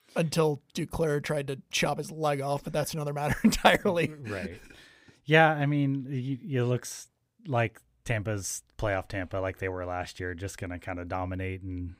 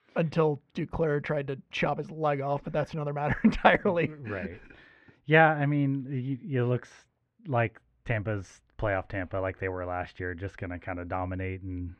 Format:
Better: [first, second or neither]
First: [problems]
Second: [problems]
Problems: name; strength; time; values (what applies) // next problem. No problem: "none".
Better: first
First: none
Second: muffled; very; fading above 2 kHz